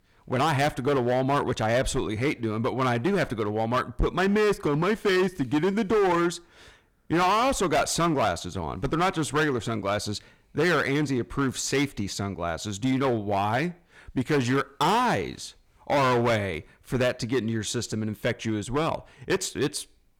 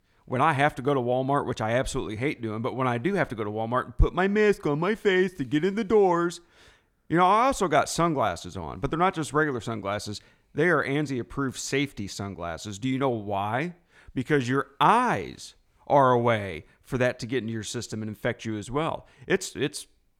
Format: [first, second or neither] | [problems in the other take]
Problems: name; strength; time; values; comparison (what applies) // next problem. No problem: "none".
second | distortion; heavy; 11% of the sound clipped